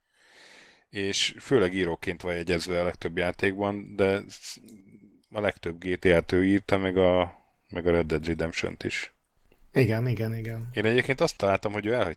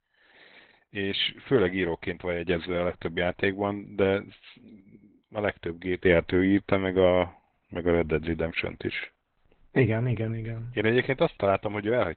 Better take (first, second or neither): first